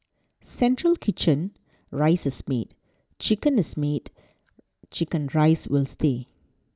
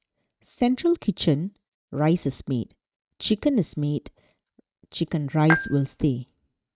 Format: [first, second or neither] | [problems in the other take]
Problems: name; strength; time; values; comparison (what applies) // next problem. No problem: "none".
first | noise reduction (neural mask model RNNoise)